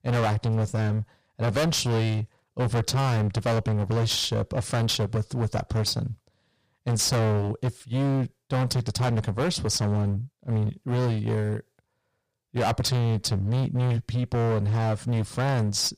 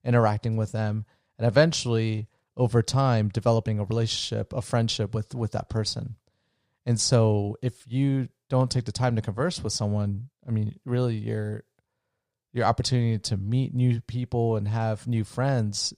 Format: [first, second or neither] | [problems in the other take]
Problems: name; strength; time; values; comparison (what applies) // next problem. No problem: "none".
second | distortion; heavy; 23% of the sound clipped